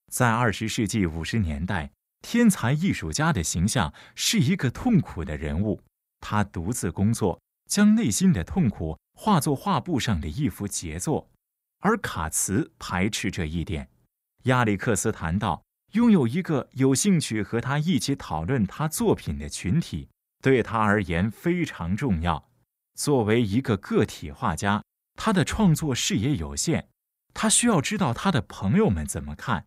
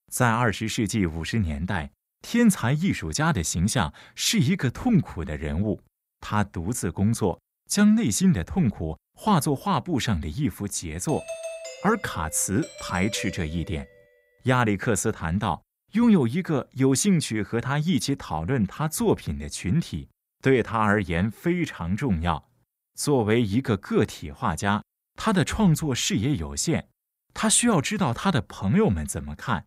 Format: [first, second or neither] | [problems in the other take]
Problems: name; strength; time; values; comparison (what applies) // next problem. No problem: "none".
first | doorbell; faint; from 11 to 14 s; peak 10 dB below the speech